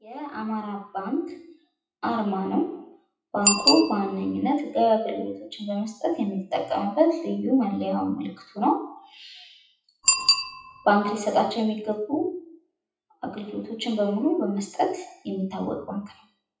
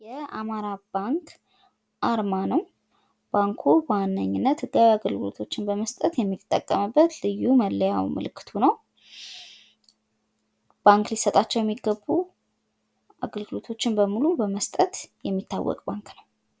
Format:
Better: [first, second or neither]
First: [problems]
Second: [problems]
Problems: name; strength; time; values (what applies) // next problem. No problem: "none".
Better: second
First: noise reduction (classical method WPE with log-MMSE)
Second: none